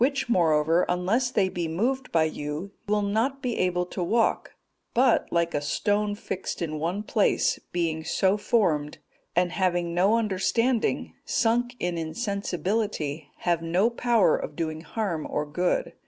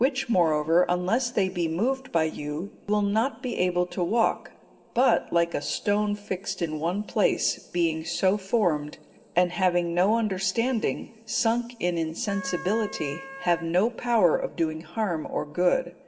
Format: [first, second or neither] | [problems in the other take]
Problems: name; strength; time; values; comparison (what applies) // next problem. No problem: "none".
first | background sound (Wind instrument, woodwind instrument); 14 dB below the speech // room echo; dies away in 2.3 s